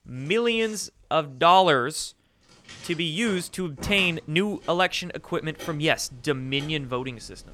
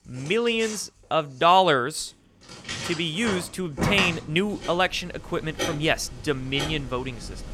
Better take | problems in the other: first | household noises; loud; throughout; 9 dB below the speech; faint in the first

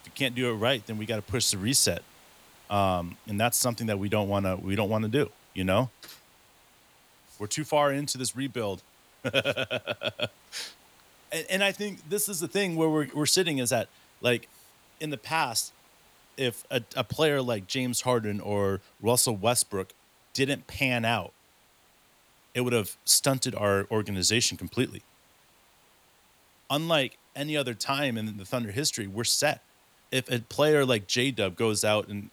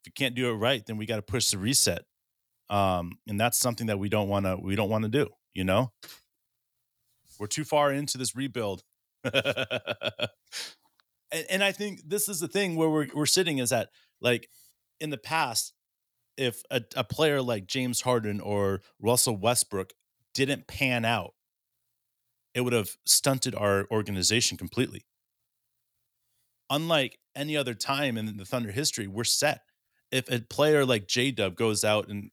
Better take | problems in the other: second | hiss; faint; throughout; 30 dB below the speech

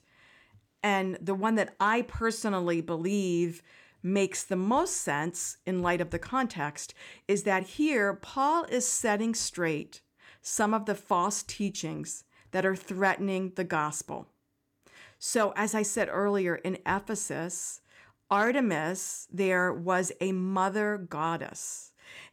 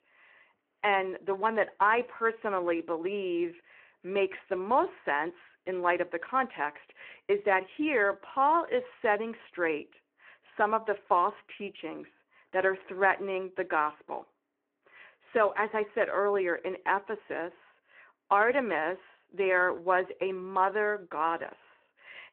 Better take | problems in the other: first | phone-call audio

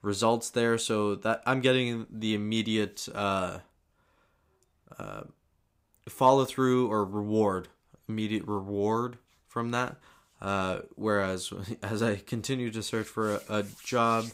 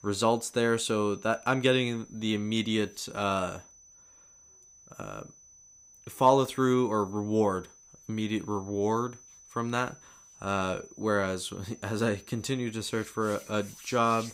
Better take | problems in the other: first | high-pitched whine; faint; throughout; 6 kHz, 25 dB below the speech

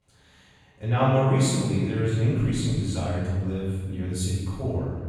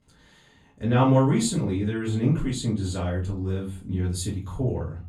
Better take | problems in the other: second | room echo; strong; dies away in 1.6 s; slight in the second // off-mic speech; far; far in the second

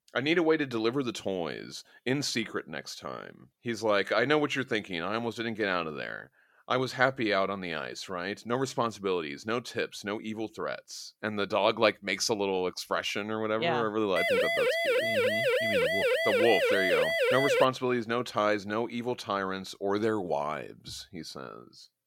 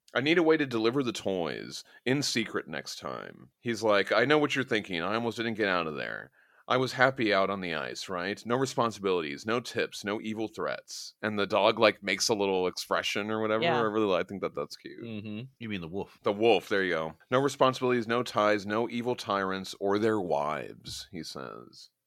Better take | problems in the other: second | siren; loud; from 14 to 18 s; peak 4 dB above the speech

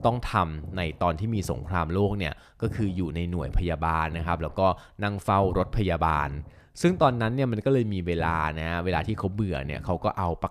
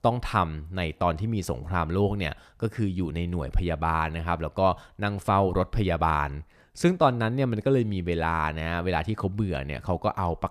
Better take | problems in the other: second | low rumble; faint; throughout; 25 dB below the speech

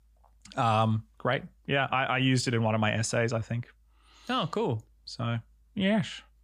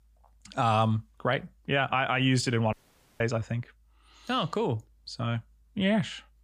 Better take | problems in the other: first | audio cutting out; at 2.5 s

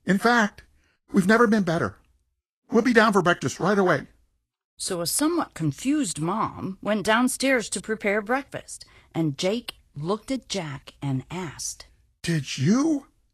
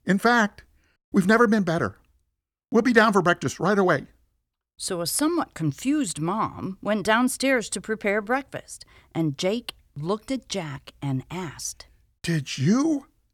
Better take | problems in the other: second | garbled, watery; slightly; nothing above 11.5 kHz

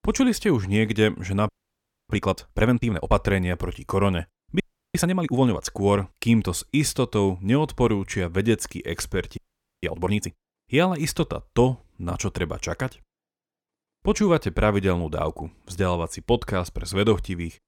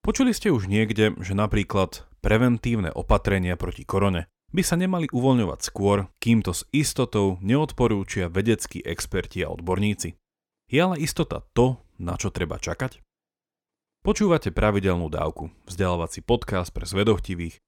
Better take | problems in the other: second | audio freezing; at 1.5 s for 0.5 s, at 4.5 s and at 9.5 s

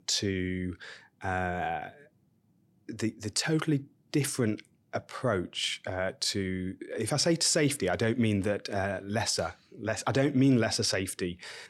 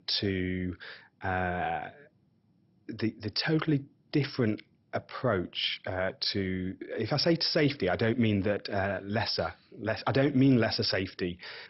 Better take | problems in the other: first | garbled, watery; badly; nothing above 5.5 kHz

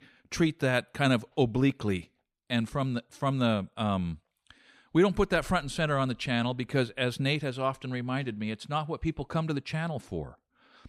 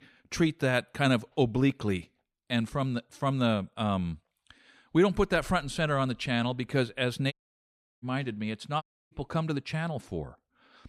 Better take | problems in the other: first | audio cutting out; at 7.5 s for 0.5 s and at 9 s

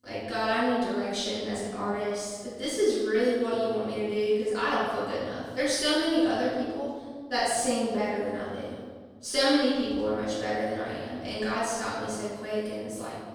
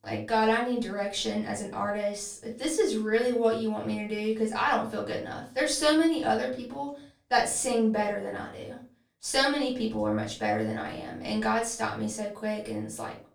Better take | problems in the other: second | room echo; strong; dies away in 1.4 s; slight in the second // off-mic speech; far; far in the second

